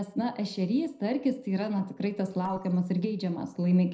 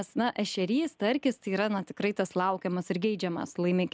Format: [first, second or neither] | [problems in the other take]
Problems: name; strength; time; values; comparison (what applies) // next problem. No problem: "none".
second | noise reduction (neural separator model SepFormer DNS4)